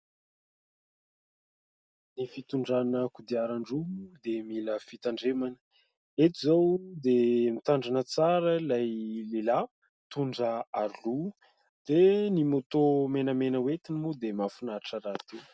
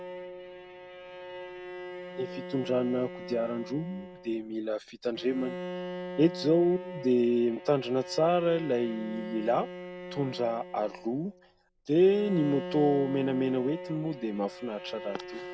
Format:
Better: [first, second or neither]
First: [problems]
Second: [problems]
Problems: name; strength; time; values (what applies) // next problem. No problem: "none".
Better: first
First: none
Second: background sound (Bowed string instrument); 11 dB below the speech